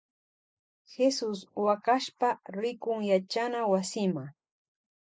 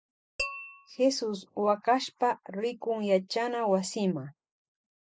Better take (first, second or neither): first